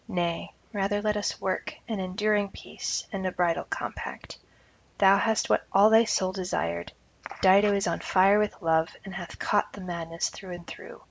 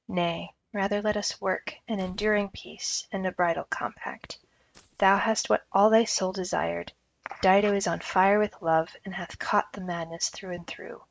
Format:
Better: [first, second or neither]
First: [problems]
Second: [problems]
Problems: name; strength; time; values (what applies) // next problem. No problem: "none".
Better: first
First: none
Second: noise reduction (neural mask model RNNoise)